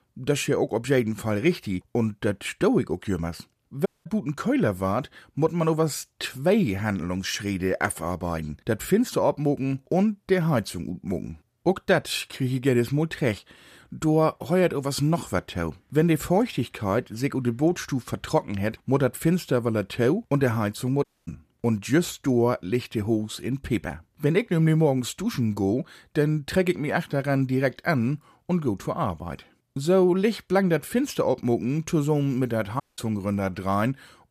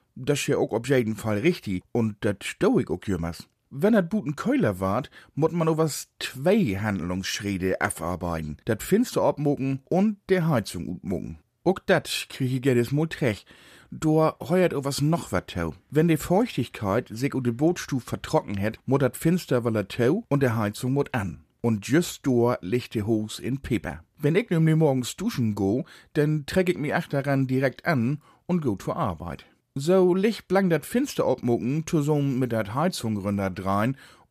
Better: second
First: audio cutting out; at 4 s, at 21 s and at 33 s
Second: none

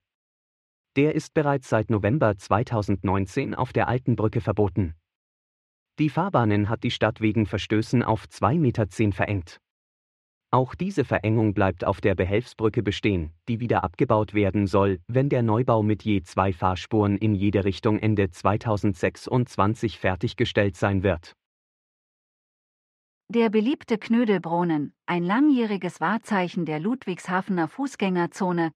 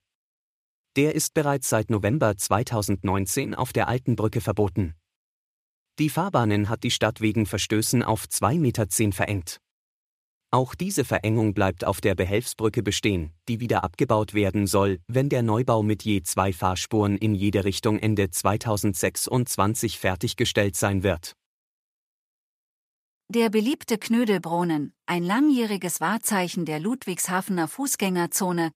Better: second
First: muffled; slightly; fading above 2.5 kHz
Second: none

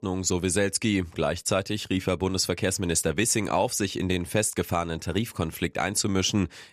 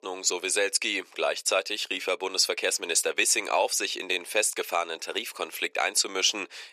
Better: first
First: none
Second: thin; very; fading below 400 Hz

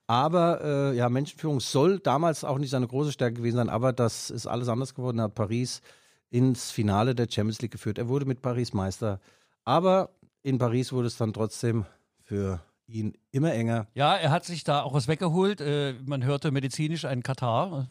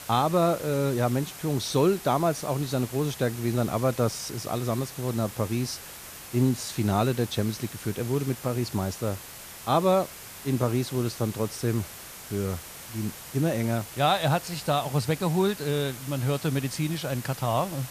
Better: first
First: none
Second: hiss; noticeable; throughout; 15 dB below the speech

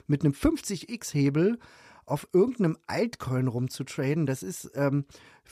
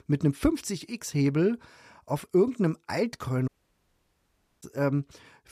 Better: first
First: none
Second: audio cutting out; at 3.5 s for 1 s

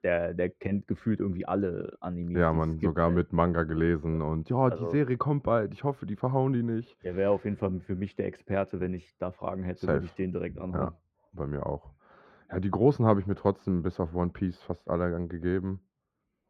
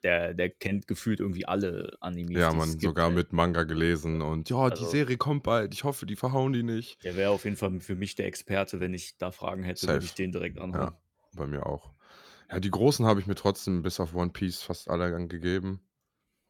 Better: second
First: muffled; very; fading above 3.5 kHz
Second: none

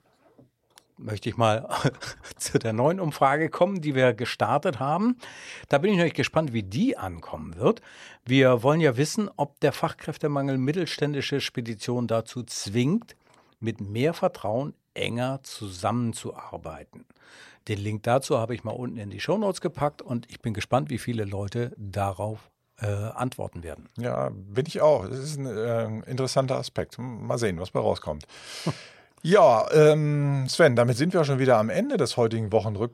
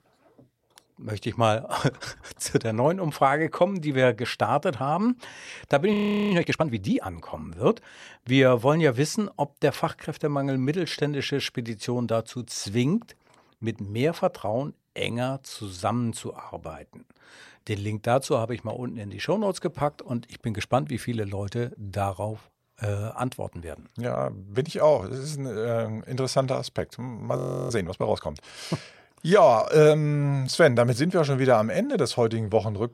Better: first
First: none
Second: audio freezing; at 6 s and at 27 s

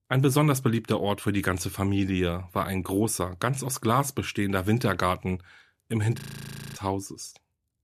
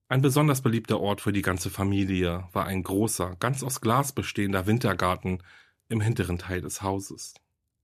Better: second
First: audio freezing; at 6 s for 0.5 s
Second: none

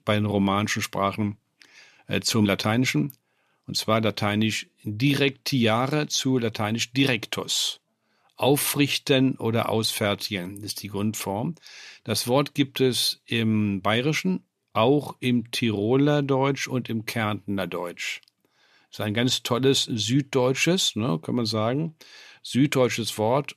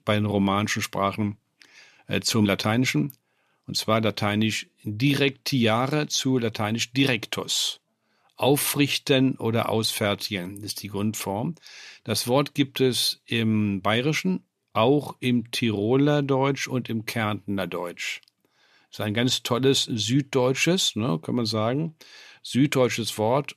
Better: neither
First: none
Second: none

